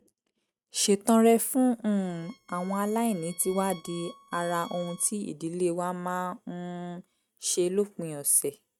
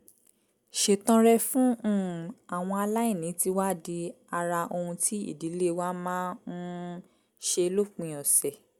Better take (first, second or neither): second